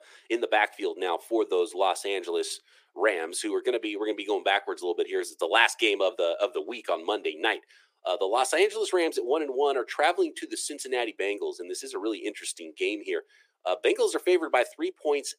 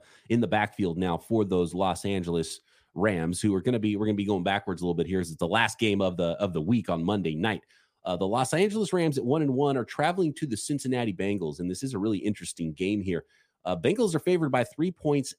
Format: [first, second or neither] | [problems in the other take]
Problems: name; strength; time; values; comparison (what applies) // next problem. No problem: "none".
second | thin; very; fading below 350 Hz